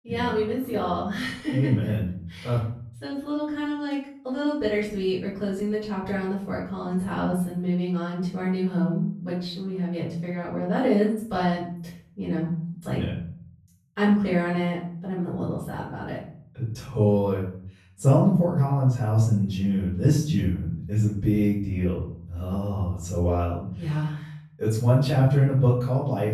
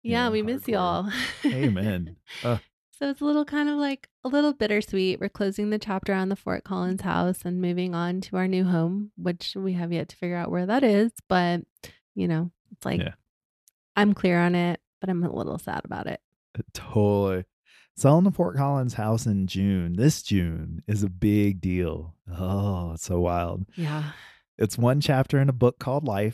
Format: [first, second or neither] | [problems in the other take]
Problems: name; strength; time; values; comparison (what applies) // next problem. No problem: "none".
second | off-mic speech; far // room echo; noticeable; dies away in 0.6 s